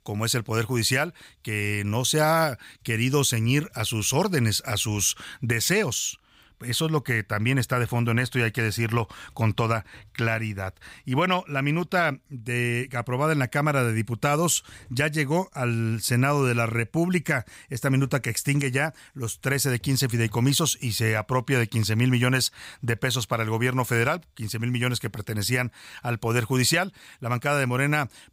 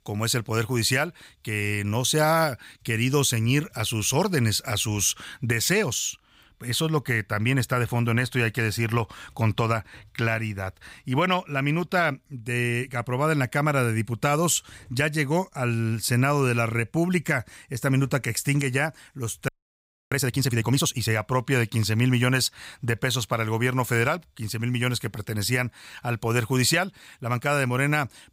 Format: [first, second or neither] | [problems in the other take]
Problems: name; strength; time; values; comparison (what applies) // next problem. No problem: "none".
first | audio freezing; at 19 s for 0.5 s